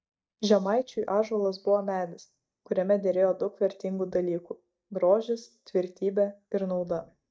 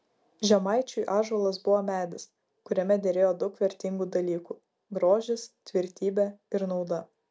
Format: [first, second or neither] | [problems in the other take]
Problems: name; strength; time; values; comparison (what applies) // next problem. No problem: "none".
second | noise reduction (neural mask model DeepFilterNet 3)